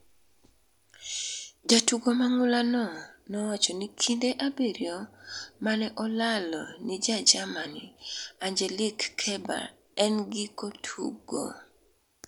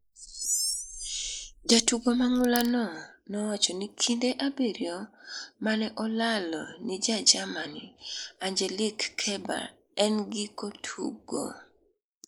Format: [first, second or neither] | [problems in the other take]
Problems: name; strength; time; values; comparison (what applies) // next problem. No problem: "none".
first | noise reduction (neural mask model Resemble Enhance denoiser)